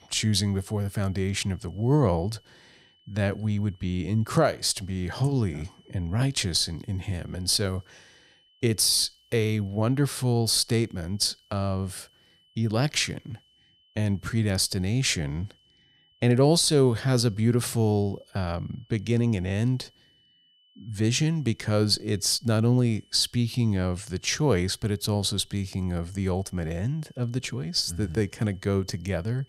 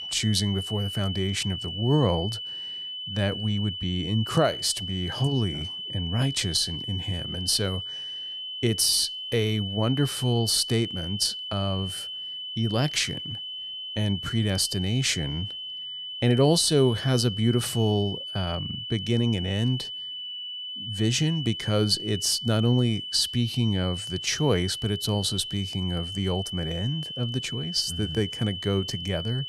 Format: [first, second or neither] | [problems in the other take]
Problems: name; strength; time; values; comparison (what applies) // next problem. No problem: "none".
first | high-pitched whine; loud; throughout; 3 kHz, 7 dB below the speech; faint in the first